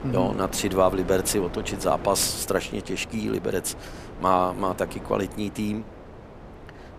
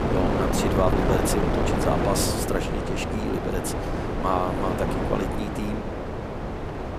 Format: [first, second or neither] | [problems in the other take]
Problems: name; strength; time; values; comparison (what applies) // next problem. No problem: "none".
first | wind noise on the microphone; heavy; as loud as the speech; occasional gusts in the first